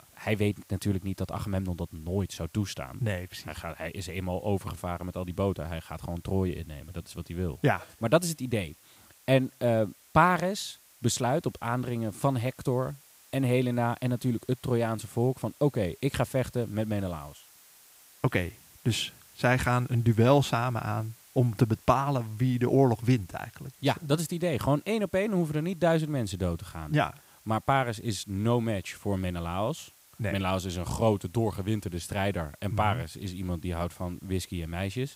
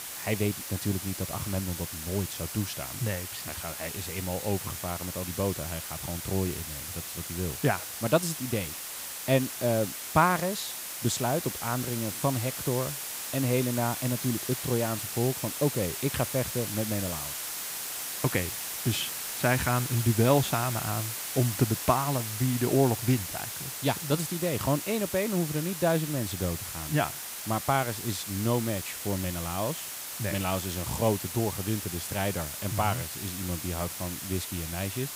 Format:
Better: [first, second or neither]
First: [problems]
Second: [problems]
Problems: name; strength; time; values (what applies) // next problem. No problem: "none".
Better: first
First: hiss; faint; throughout; 25 dB below the speech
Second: hiss; loud; throughout; 4 dB below the speech